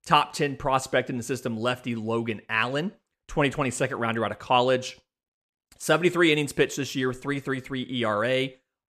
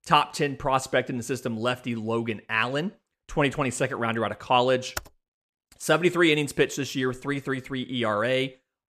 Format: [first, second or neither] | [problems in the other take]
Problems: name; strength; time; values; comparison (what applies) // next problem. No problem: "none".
first | keyboard typing; very faint; at 5 s; peak 10 dB below the speech